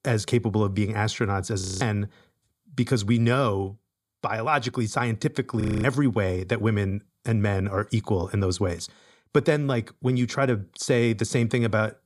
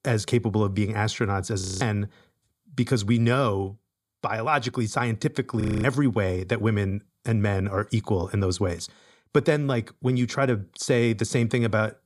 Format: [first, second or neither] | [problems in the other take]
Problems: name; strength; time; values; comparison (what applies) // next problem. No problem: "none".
neither | audio freezing; at 1.5 s and at 5.5 s; the same in both